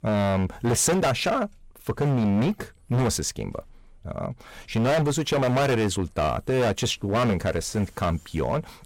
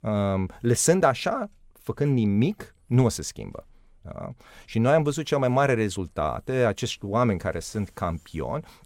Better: second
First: distortion; heavy; 17% of the sound clipped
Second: none

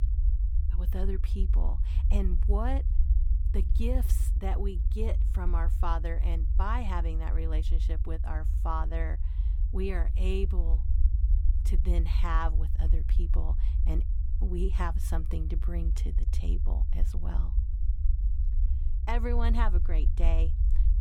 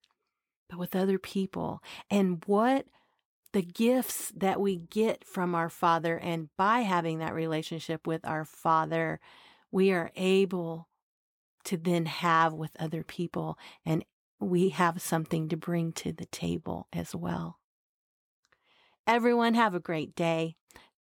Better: second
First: low rumble; noticeable; throughout; 10 dB below the speech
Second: none

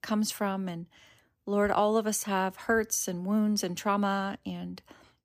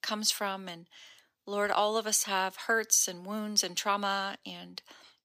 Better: first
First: none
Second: thin; somewhat; fading below 800 Hz

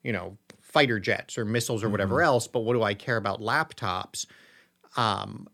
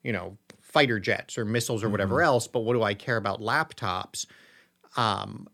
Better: neither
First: none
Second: none

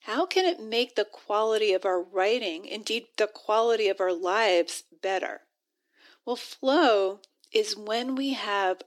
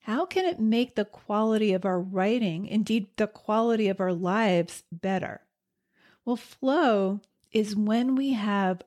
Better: second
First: thin; somewhat; fading below 300 Hz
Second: none

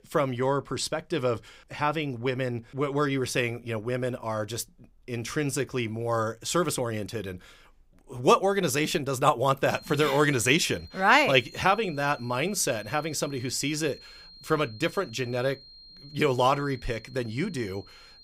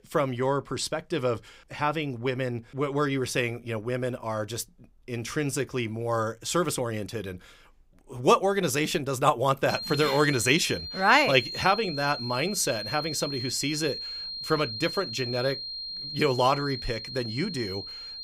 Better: first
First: high-pitched whine; faint; from 9.5 s on; 4 kHz, 20 dB below the speech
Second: high-pitched whine; loud; from 9.5 s on; 4 kHz, 7 dB below the speech

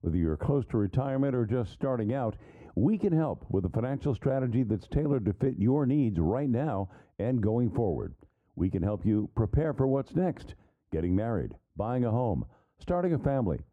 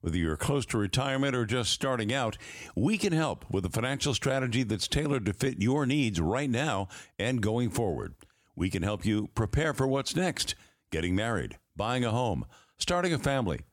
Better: second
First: muffled; very; fading above 2 kHz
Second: none

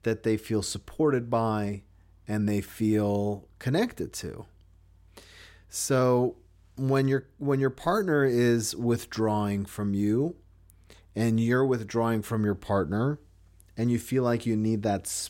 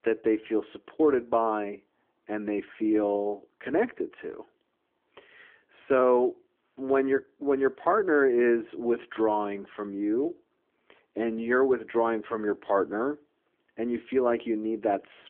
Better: first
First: none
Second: phone-call audio

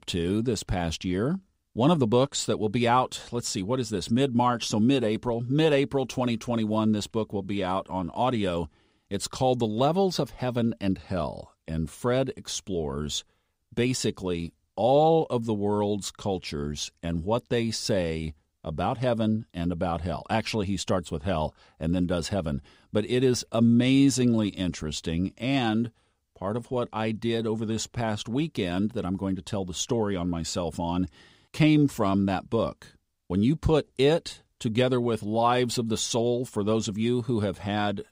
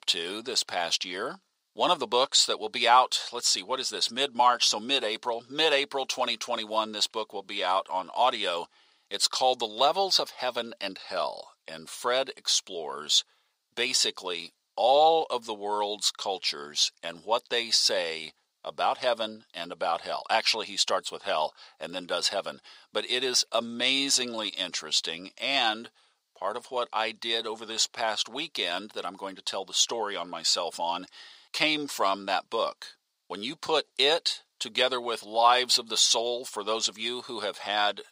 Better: first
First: none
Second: thin; very; fading below 800 Hz

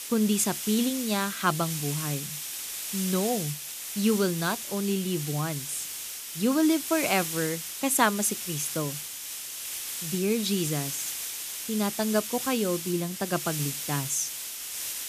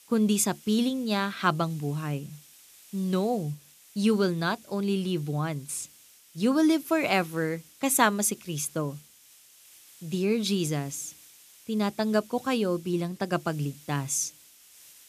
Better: second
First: hiss; loud; throughout; 4 dB below the speech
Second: hiss; faint; throughout; 25 dB below the speech

